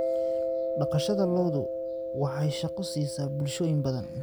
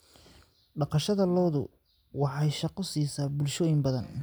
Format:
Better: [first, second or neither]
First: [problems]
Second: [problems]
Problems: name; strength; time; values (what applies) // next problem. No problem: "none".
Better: second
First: background sound (Mallet percussion); 2 dB below the speech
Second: none